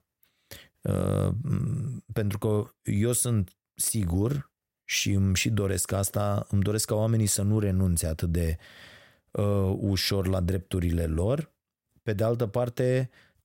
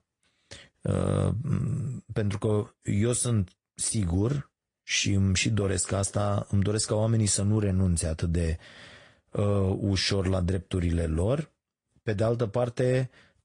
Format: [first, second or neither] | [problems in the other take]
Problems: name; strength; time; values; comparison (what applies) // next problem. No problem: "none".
first | garbled, watery; slightly; nothing above 10 kHz